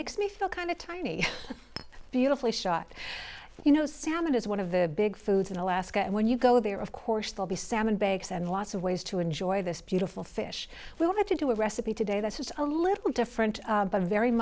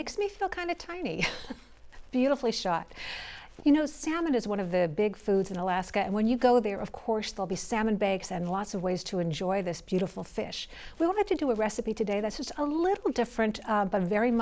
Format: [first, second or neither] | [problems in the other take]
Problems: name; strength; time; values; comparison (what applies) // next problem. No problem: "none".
second | background sound (Chink, clink); 18 dB below the speech